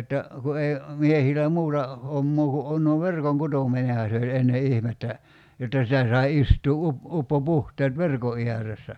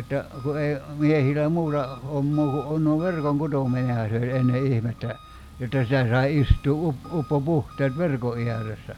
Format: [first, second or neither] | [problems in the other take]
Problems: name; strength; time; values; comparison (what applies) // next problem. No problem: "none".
first | background sound (Engine); 19 dB below the speech